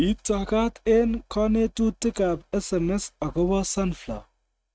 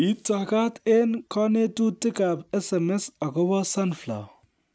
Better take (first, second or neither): second